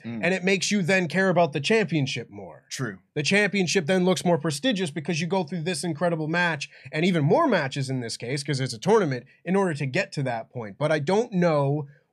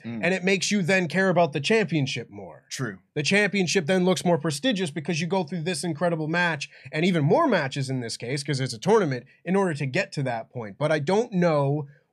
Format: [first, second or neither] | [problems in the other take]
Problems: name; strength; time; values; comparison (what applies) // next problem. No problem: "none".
neither | none